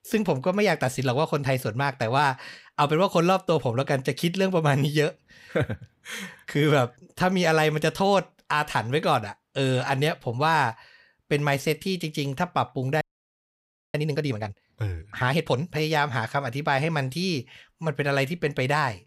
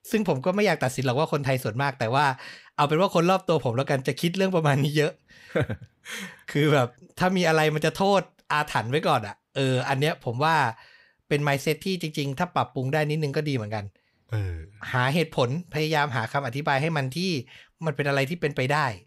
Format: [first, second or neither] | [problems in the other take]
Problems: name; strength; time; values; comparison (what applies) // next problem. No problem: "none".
second | audio freezing; at 13 s for 1 s